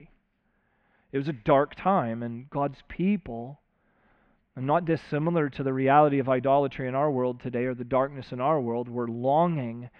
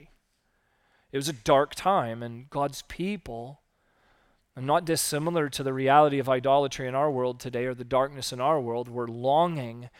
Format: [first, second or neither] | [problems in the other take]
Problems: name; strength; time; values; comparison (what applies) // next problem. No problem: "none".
second | muffled; very; fading above 2.5 kHz